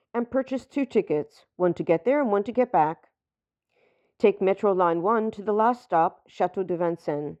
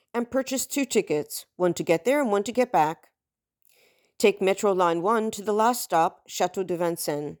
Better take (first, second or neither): second